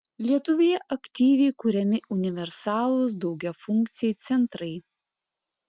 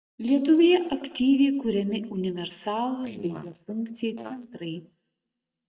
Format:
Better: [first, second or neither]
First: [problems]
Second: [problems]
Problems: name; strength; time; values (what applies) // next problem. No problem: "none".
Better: first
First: none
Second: noise reduction (neural mask model DeepFilterNet 3)